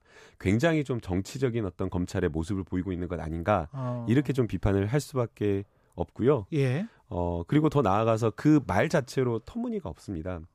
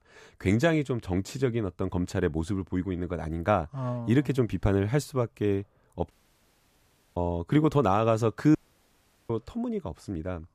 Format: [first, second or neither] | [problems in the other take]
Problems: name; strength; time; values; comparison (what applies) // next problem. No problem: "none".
first | audio cutting out; at 6 s for 1 s and at 8.5 s for 0.5 s